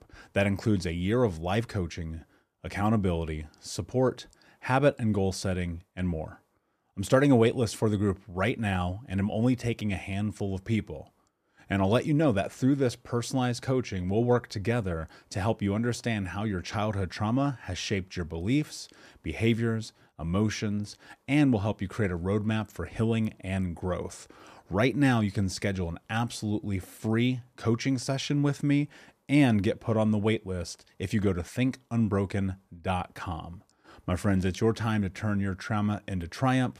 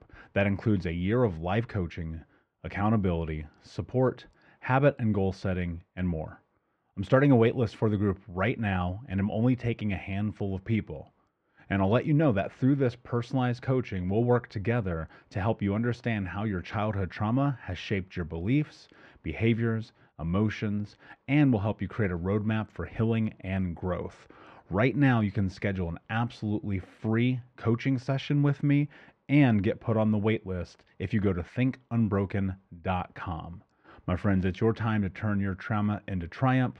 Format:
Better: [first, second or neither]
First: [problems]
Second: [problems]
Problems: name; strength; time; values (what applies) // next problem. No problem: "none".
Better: first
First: none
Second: muffled; slightly; fading above 2.5 kHz